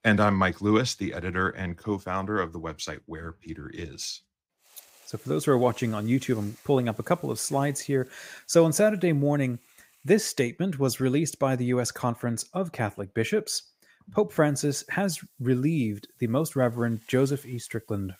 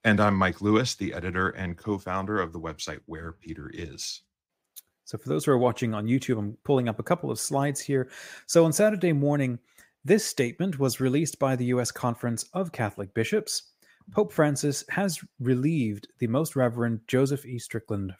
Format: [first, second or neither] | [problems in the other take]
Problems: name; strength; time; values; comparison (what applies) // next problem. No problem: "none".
second | hiss; faint; from 4.5 to 10 s and from 14 s on; 30 dB below the speech